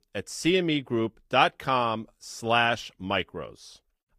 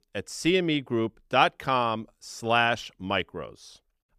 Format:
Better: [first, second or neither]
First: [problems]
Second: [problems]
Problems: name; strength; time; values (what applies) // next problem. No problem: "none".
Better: second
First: garbled, watery; slightly; nothing above 15 kHz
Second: none